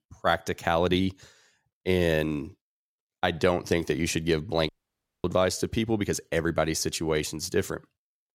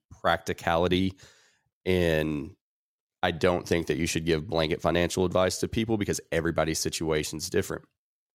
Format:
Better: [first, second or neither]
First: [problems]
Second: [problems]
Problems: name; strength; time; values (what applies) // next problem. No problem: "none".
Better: second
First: audio cutting out; at 4.5 s for 0.5 s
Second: none